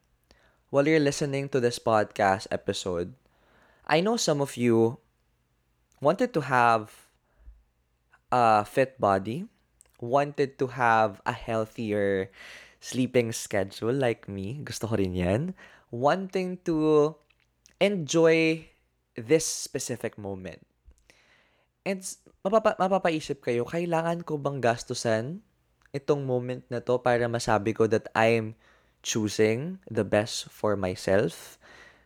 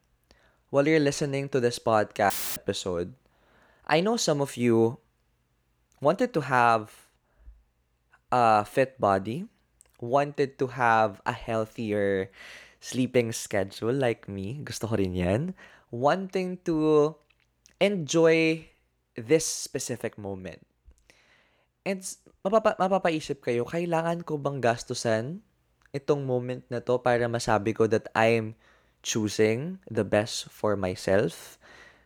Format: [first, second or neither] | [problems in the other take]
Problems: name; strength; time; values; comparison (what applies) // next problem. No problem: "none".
first | audio cutting out; filled with static; at 2.5 s